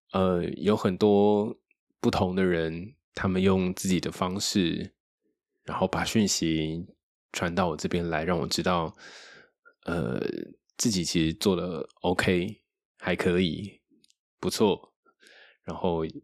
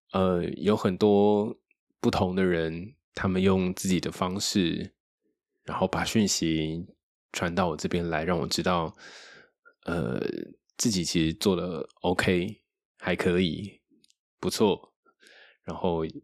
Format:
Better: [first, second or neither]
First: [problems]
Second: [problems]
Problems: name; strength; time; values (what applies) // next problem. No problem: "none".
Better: neither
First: none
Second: none